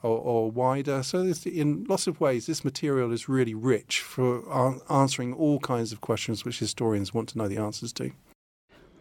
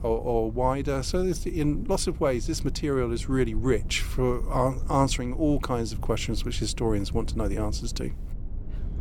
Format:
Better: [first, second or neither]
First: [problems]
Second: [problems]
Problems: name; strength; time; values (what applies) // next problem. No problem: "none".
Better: first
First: none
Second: low rumble; faint; throughout; 20 dB below the speech